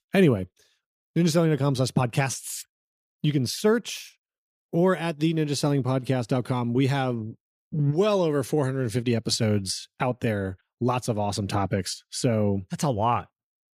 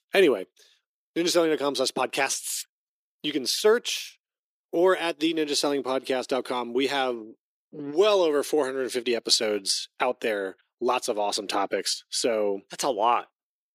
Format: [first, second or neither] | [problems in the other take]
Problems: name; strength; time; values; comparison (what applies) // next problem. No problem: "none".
first | thin; somewhat; fading below 350 Hz